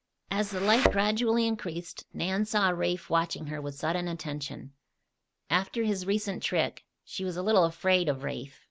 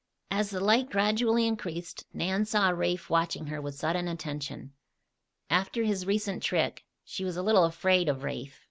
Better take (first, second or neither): second